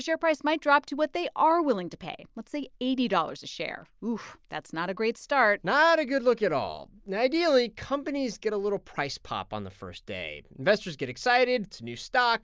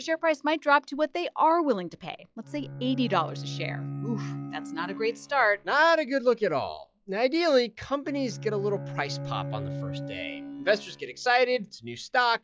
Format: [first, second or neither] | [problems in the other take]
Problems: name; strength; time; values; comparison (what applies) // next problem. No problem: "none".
first | noise reduction (classical method log-MMSE)